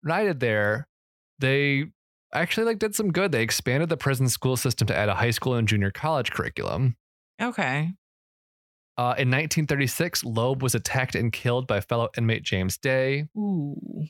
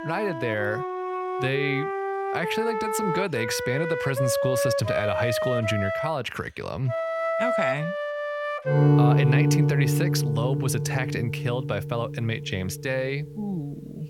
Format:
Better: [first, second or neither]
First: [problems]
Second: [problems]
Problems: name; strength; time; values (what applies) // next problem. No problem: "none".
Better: first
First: none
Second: background music; very loud; throughout; 3 dB above the speech